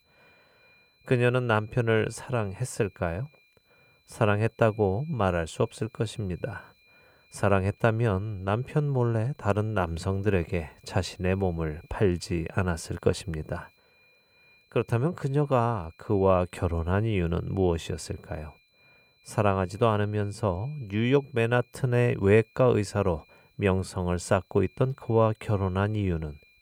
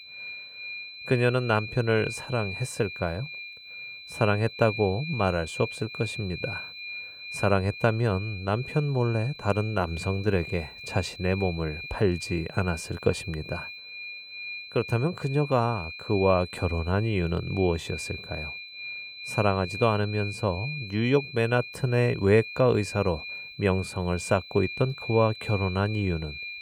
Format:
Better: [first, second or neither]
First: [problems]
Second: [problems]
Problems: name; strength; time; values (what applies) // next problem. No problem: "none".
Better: first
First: high-pitched whine; faint; throughout; 2.5 kHz, 35 dB below the speech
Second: high-pitched whine; loud; throughout; 2.5 kHz, 10 dB below the speech